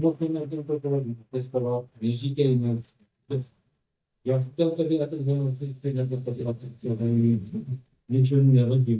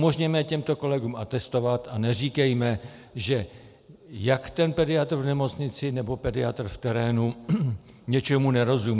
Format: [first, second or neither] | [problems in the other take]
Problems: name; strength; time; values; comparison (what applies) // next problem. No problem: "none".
second | noise reduction (neural mask model DeepFilterNet 3)